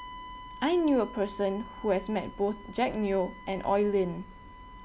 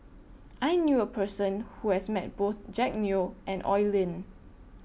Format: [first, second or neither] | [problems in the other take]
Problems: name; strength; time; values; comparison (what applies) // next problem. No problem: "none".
second | background sound (Bowed string instrument); 17 dB below the speech